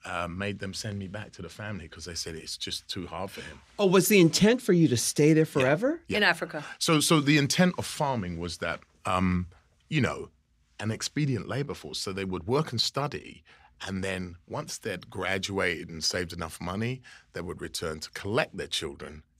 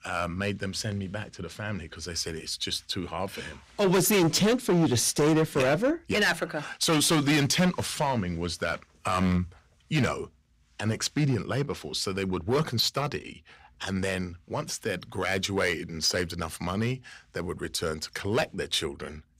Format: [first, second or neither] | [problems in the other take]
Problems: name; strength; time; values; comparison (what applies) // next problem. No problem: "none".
first | distortion; heavy; 6% of the sound clipped